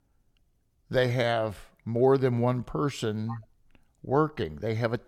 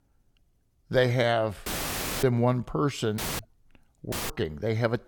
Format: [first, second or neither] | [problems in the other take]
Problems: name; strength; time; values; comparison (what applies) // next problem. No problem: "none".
first | audio cutting out; filled with static; at 1.5 s for 0.5 s, at 3 s and at 4 s